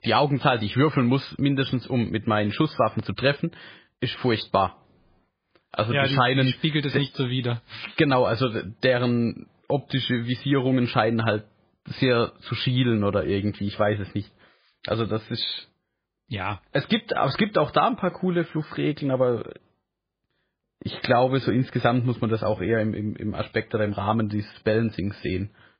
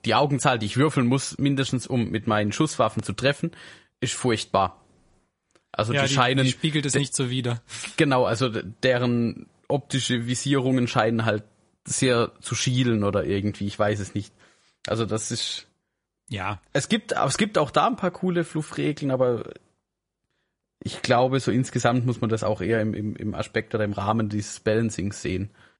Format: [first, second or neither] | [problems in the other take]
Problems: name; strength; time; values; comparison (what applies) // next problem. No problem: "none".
second | garbled, watery; badly; nothing above 4.5 kHz; slightly in the second